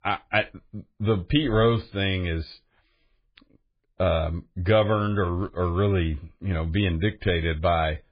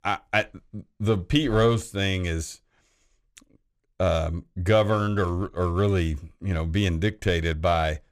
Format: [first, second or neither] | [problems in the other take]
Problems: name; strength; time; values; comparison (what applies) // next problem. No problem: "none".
second | garbled, watery; badly; nothing above 5 kHz